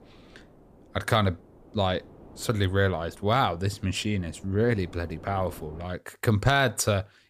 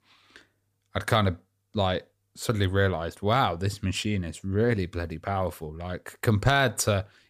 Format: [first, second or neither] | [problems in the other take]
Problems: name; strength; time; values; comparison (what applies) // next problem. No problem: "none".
second | wind noise on the microphone; occasional gusts; until 6 s; 25 dB below the speech